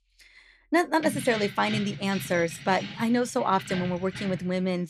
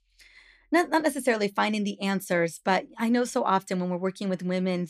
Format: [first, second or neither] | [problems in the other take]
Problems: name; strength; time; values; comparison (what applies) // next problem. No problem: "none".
second | jangling keys; noticeable; from 1 s on; peak 7 dB below the speech